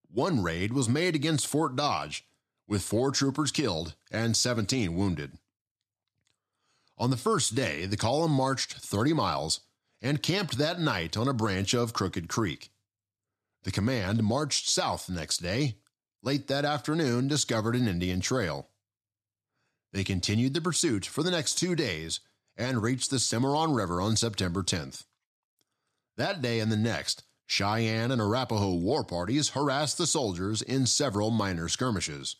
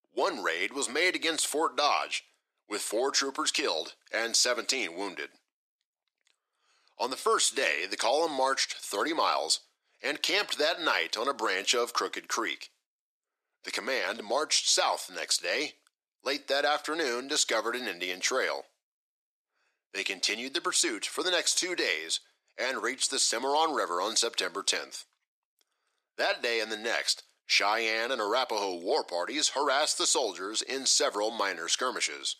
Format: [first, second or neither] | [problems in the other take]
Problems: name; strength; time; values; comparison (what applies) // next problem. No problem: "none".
first | thin; very; fading below 400 Hz